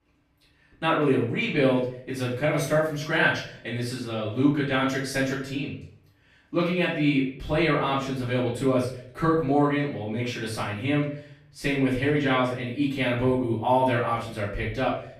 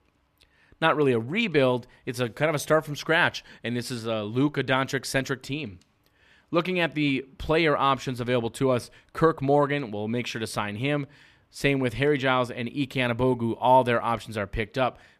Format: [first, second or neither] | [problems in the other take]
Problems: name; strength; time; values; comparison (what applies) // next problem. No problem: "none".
second | off-mic speech; far // room echo; noticeable; dies away in 0.5 s